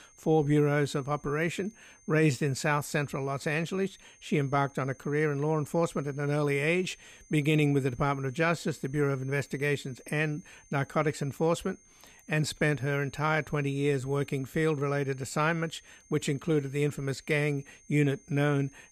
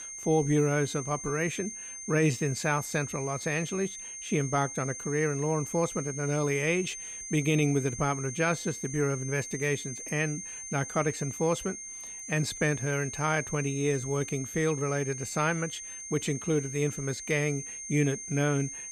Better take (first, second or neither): first